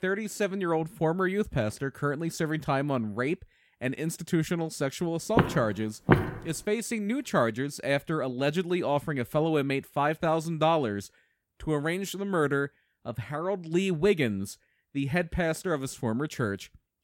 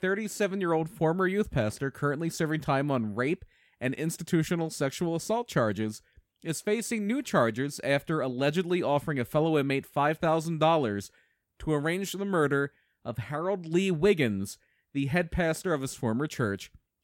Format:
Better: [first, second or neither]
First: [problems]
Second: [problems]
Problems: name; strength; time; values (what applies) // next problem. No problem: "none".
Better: second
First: footsteps; loud; at 5.5 s; peak 4 dB above the speech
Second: none